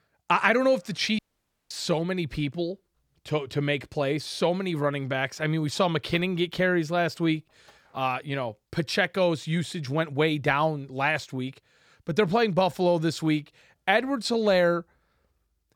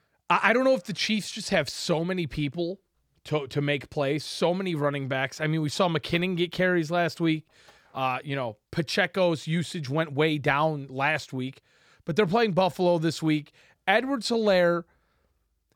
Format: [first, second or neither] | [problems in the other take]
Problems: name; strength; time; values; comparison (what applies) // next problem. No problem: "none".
second | audio cutting out; at 1 s for 0.5 s